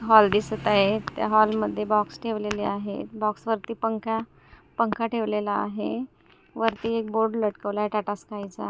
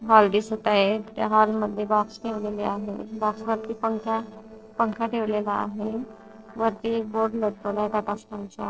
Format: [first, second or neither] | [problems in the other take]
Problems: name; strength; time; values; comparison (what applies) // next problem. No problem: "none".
first | noise reduction (neural separator model SepFormer DNS4)